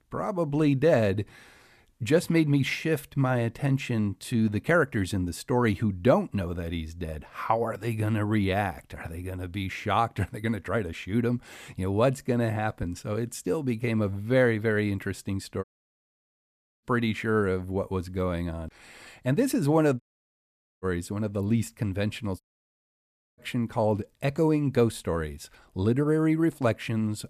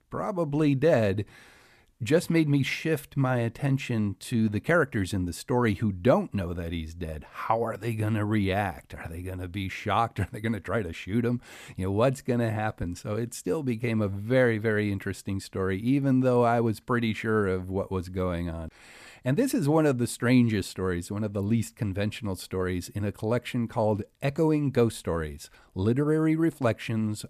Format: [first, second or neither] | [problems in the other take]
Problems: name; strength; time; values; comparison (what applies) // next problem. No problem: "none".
second | audio cutting out; at 16 s for 1 s, at 20 s for 1 s and at 22 s for 1 s